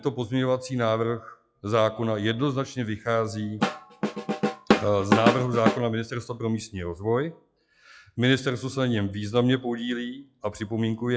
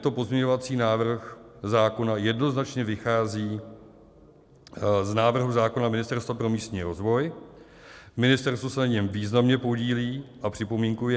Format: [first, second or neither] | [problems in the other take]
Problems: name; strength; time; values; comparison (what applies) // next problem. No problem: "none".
second | noise reduction (classical method log-MMSE)